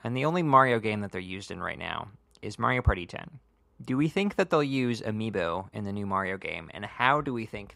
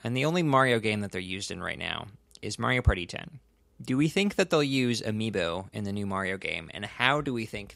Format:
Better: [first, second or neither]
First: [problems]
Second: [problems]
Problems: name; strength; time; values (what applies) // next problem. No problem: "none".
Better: second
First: muffled; slightly; fading above 3 kHz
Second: none